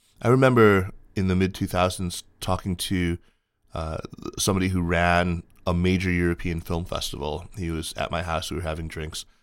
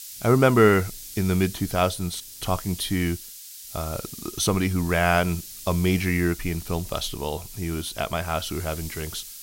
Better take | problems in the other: first | hiss; noticeable; throughout; 15 dB below the speech

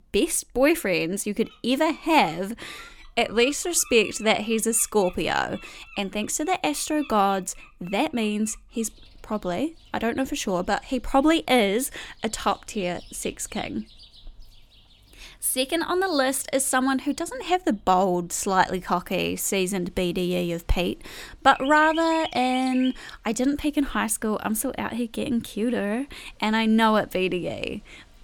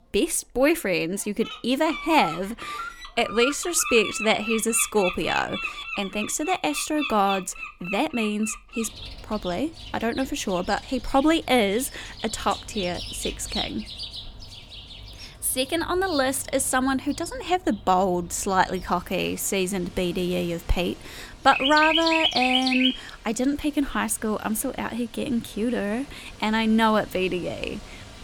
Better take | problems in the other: first | animal sounds; loud; throughout; 6 dB below the speech; faint in the first

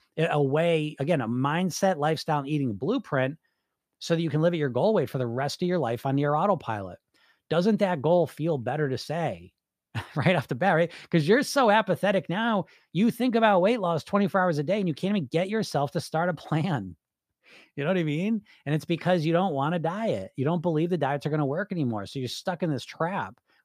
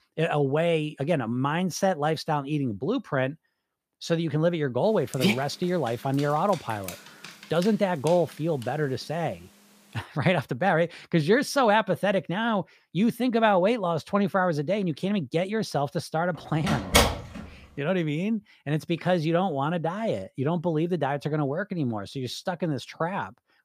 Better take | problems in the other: first | dog barking; loud; from 5 to 8 s; peak 1 dB above the speech // door banging; loud; at 17 s; peak 5 dB above the speech

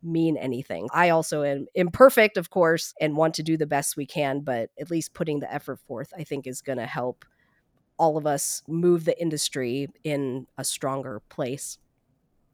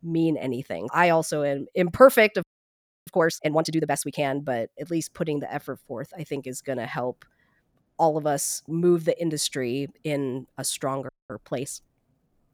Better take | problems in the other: first | audio freezing; at 2.5 s for 0.5 s and at 11 s

